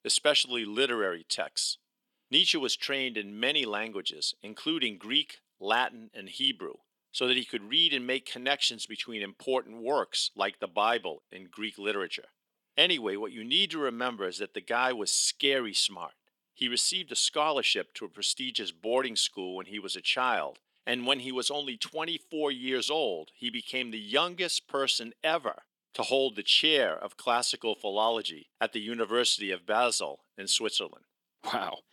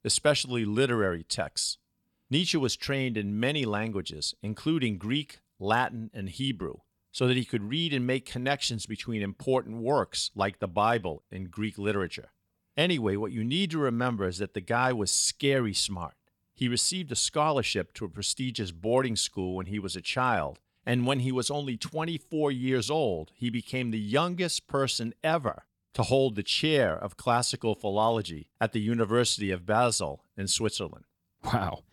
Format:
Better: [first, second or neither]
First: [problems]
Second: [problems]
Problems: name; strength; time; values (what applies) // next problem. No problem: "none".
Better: second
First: thin; somewhat; fading below 300 Hz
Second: none